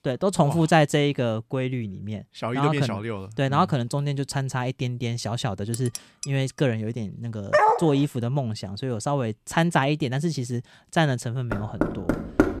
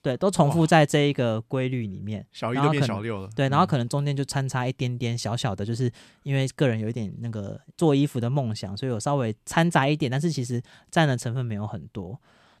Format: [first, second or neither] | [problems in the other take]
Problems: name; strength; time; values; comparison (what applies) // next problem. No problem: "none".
second | clattering dishes; faint; at 5.5 s; peak 10 dB below the speech // dog barking; loud; at 7.5 s; peak 6 dB above the speech // door banging; loud; from 12 s on; peak 2 dB above the speech